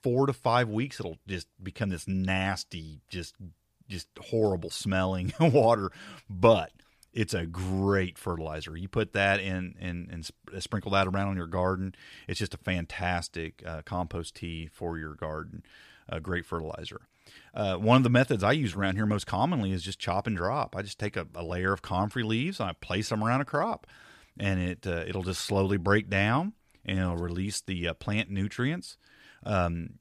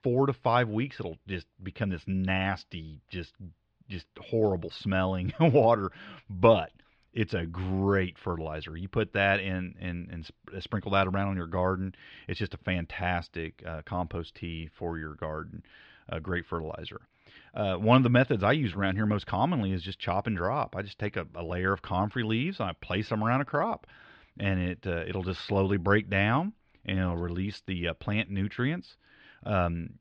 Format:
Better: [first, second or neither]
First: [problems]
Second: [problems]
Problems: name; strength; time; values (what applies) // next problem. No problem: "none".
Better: first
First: none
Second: muffled; slightly; fading above 3.5 kHz